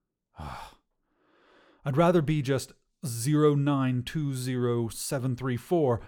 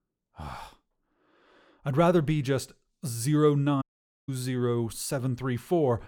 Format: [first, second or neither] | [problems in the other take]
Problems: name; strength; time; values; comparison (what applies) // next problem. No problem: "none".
first | audio cutting out; at 4 s